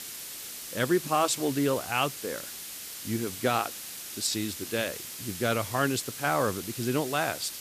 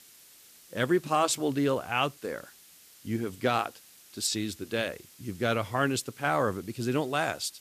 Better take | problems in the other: second | hiss; loud; throughout; 8 dB below the speech; faint in the second

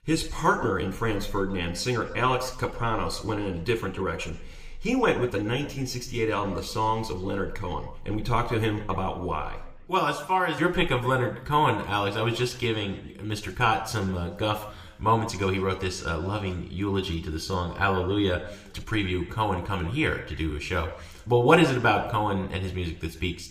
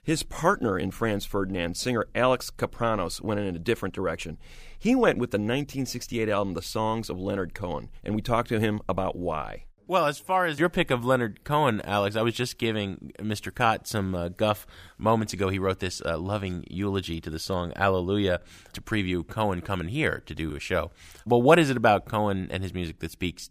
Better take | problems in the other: second | room echo; slight; dies away in 0.7 s

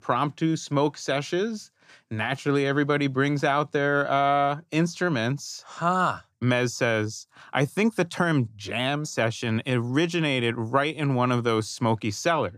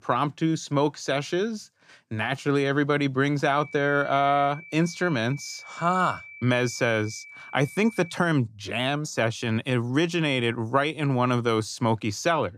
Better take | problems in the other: first | high-pitched whine; noticeable; from 3.5 to 8 s; 2.5 kHz, 15 dB below the speech

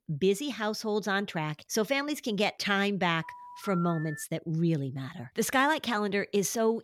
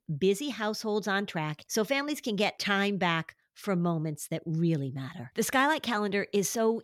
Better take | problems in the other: second | phone ringing; noticeable; from 3 to 4 s; peak 10 dB below the speech

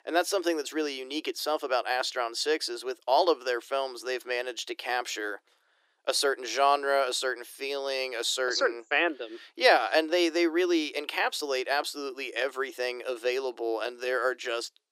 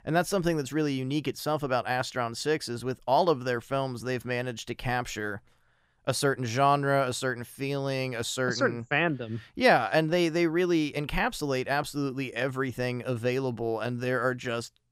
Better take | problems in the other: second | thin; very; fading below 350 Hz

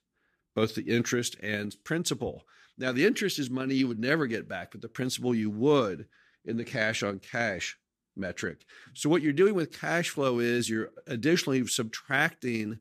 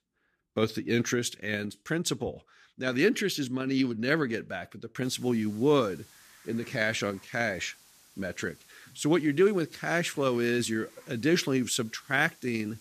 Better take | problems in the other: first | hiss; faint; from 5 s on; 25 dB below the speech

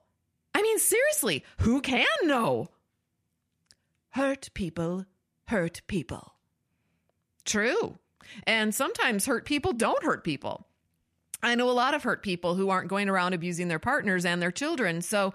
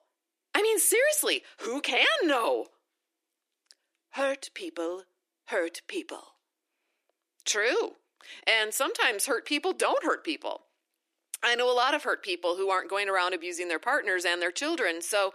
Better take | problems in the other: first | thin; somewhat; fading below 300 Hz

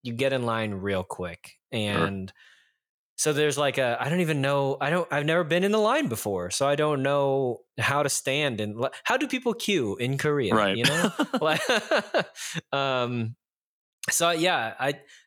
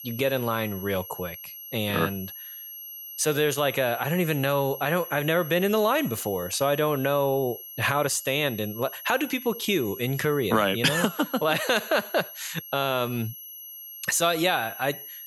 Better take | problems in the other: first | high-pitched whine; noticeable; throughout; 11.5 kHz, 10 dB below the speech

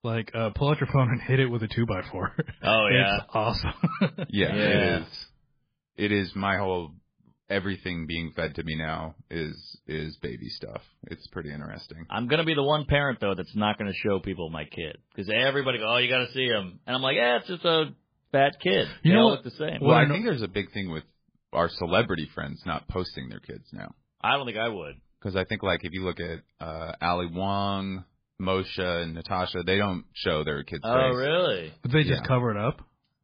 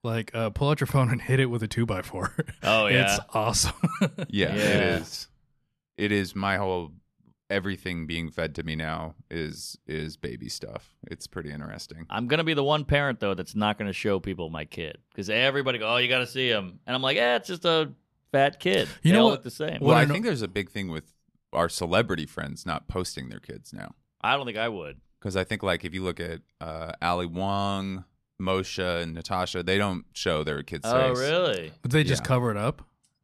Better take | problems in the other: second | garbled, watery; badly; nothing above 5 kHz

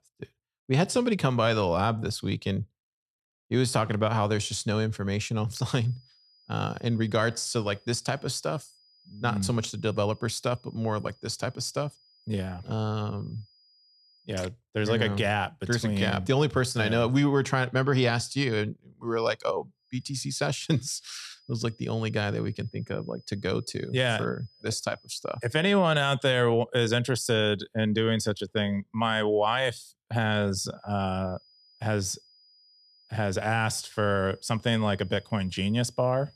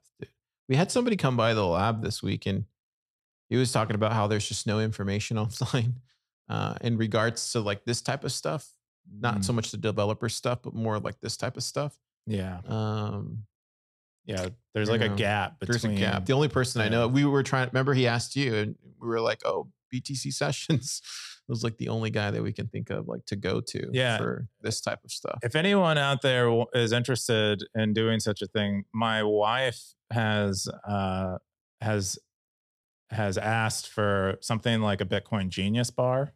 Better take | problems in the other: second | high-pitched whine; faint; from 5.5 to 14 s, from 20 to 26 s and from 31 s on; 5 kHz, 30 dB below the speech

